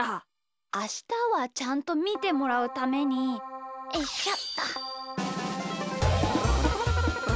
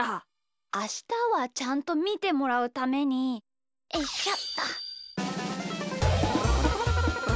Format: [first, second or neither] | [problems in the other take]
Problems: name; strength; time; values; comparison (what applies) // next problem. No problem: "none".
second | background sound (Keyboard (musical)); 12 dB below the speech